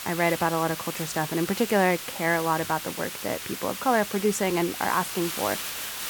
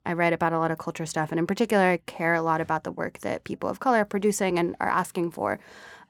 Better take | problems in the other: second | hiss; loud; throughout; 6 dB below the speech

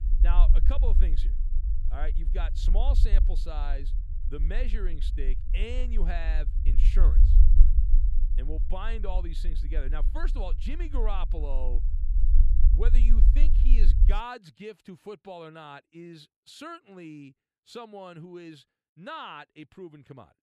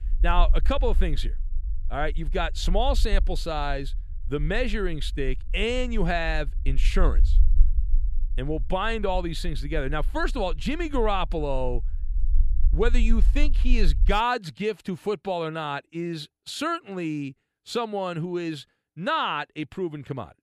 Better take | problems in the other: second | low rumble; loud; until 14 s; 9 dB below the speech; faint in the second

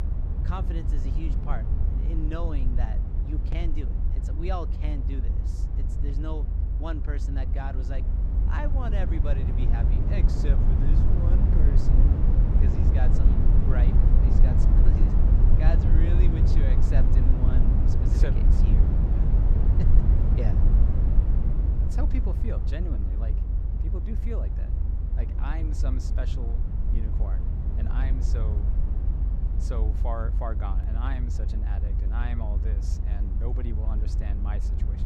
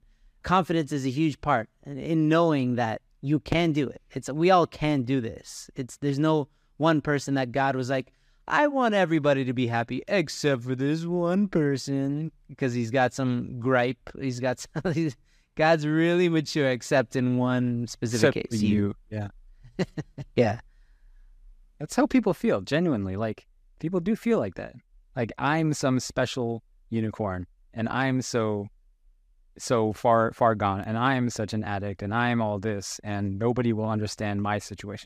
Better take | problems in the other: second | low rumble; loud; throughout; as loud as the speech

